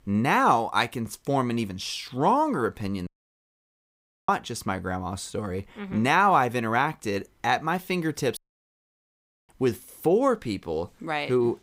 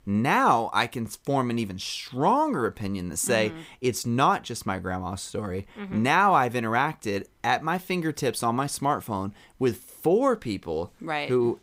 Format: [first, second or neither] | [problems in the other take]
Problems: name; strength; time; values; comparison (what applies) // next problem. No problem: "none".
second | audio cutting out; at 3 s for 1 s and at 8.5 s for 1 s